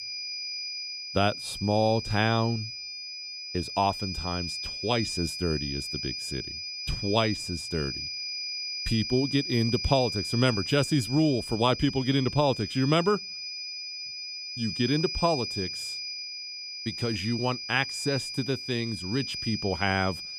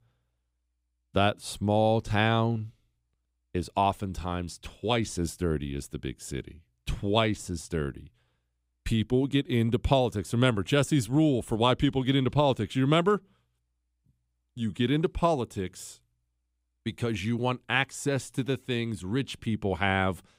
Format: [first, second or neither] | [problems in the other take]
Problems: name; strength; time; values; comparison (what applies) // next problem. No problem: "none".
second | high-pitched whine; loud; throughout; 5 kHz, 5 dB below the speech